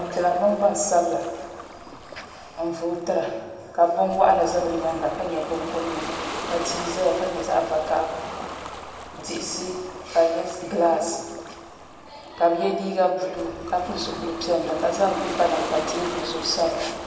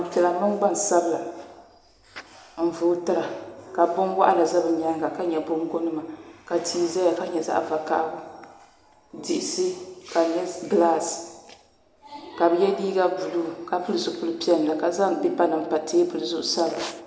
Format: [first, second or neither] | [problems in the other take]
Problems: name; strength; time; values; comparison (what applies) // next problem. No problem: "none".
second | background sound (Ocean); 11 dB below the speech // room echo; dies away in 1.4 s